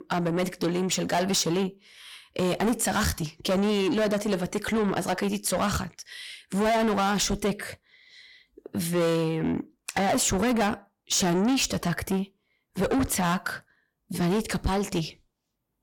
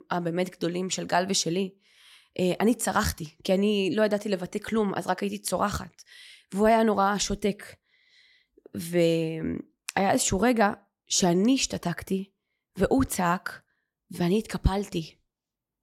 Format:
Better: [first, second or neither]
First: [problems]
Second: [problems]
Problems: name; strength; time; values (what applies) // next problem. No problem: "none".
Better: second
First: distortion; heavy; 6 dB below the speech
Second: none